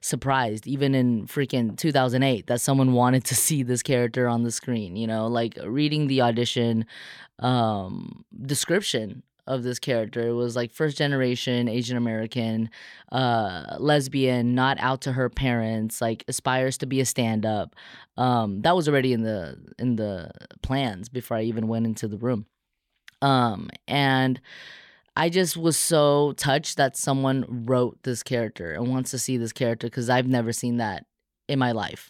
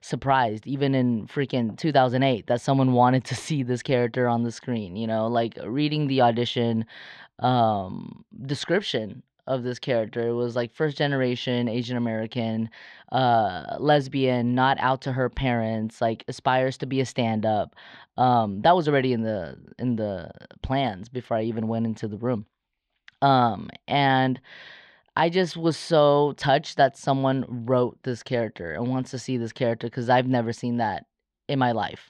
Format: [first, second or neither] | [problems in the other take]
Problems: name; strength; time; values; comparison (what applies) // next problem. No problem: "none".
first | muffled; slightly; fading above 4.5 kHz